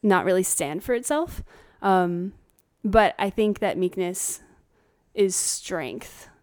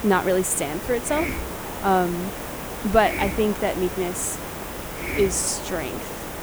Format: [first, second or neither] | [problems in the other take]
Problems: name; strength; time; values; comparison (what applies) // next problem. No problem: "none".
first | hiss; loud; throughout; 7 dB below the speech